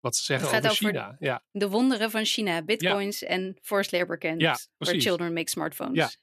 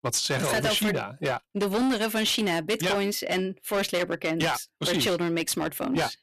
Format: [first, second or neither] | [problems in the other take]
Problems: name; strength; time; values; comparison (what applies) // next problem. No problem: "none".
first | distortion; heavy; 16% of the sound clipped